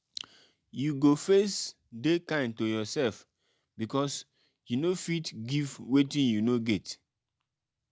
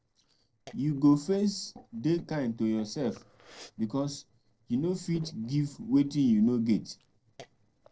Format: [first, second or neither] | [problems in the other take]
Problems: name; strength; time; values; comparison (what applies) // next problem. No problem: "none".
first | noise reduction (neural separator model SepFormer DNS4)